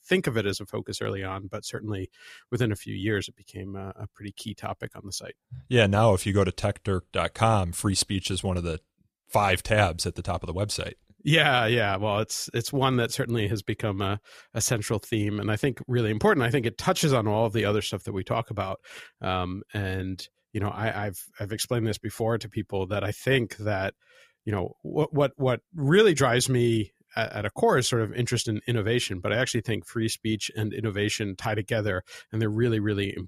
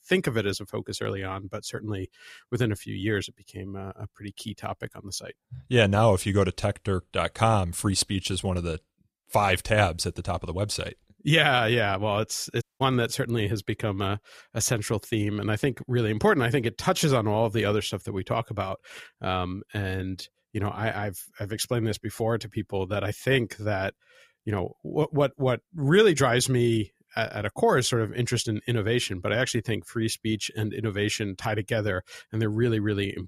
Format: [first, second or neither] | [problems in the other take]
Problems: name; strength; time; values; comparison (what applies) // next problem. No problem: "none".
first | audio cutting out; at 13 s